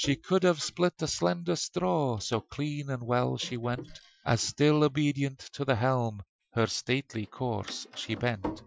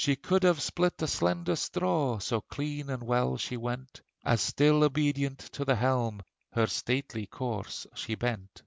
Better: second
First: noise reduction (classical method Wiener filter)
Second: none

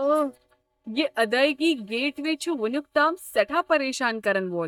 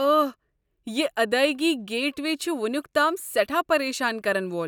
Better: second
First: noise reduction (neural mask model DeepFilterNet 3)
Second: none

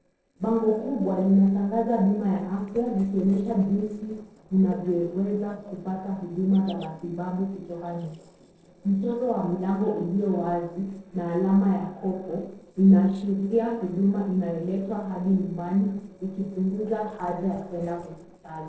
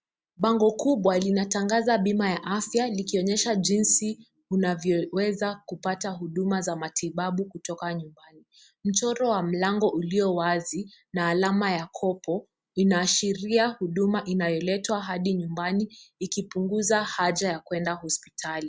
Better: second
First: noise reduction (neural separator model SepFormer DNS4)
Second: none

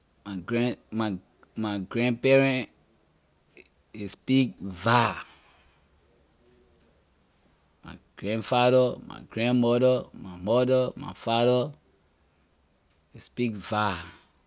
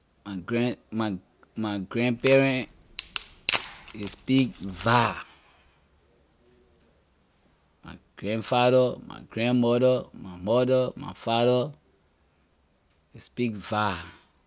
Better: first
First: none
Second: background sound (Wood); 11 dB below the speech

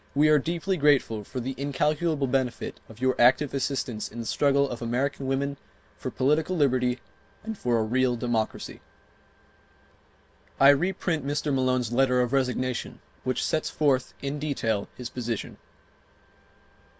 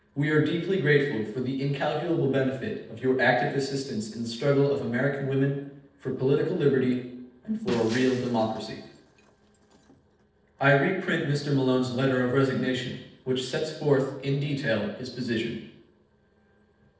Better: first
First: none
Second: noise reduction (neural separator model SepFormer DNS4)

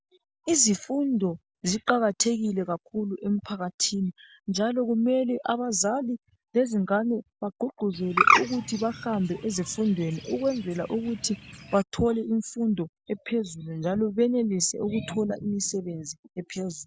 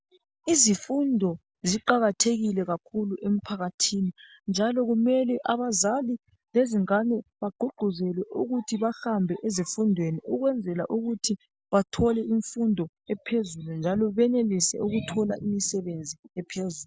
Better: second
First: background sound (Bird); 2 dB below the speech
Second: none

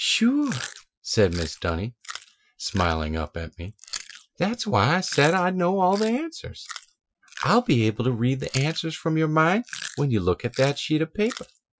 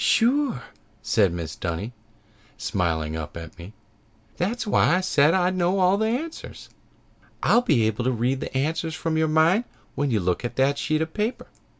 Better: second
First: noise reduction (classical method Wiener filter)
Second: none

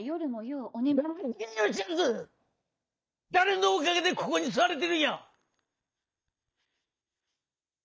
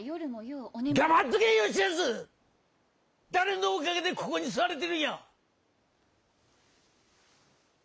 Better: second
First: noise reduction (neural mask model DeepFilterNet 3)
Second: none

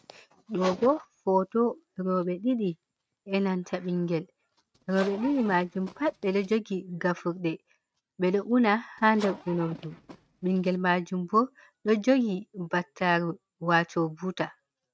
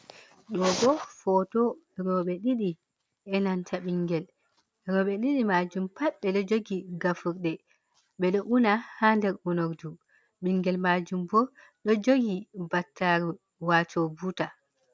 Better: second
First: noise reduction (neural mask model RNNoise)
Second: none

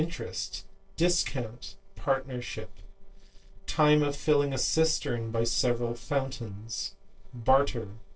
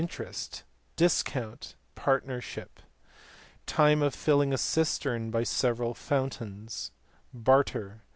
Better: second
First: noise reduction (neural separator model SepFormer DNS4)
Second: none

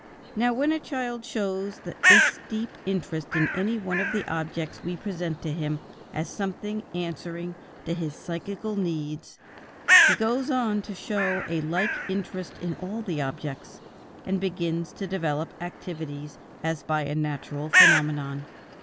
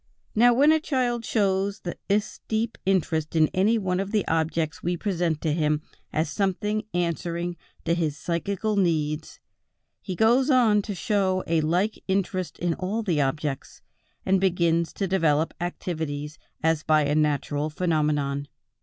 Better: second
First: background sound (Bird); as loud as the speech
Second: none

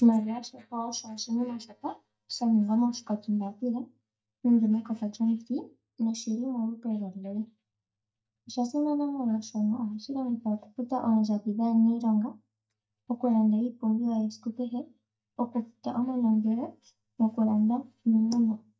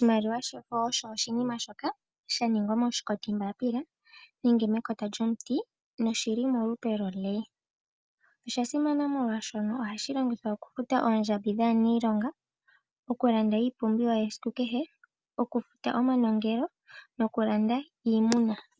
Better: second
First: noise reduction (neural mask model DeepFilterNet 3)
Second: none

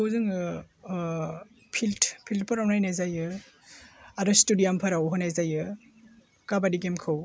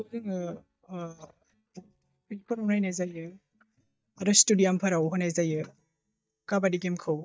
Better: first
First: none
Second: noise reduction (neural mask model DeepFilterNet 3)

